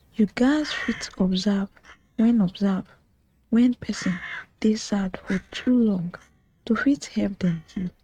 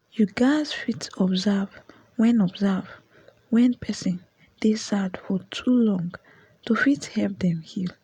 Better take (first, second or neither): second